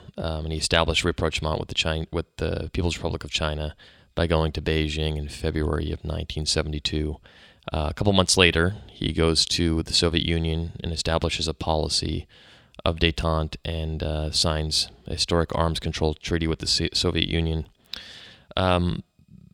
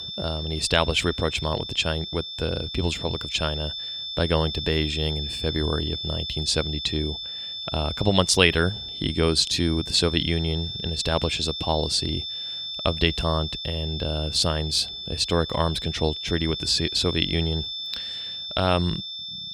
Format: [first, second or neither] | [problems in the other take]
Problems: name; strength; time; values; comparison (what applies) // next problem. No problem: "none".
first | high-pitched whine; loud; throughout; 3.5 kHz, 6 dB below the speech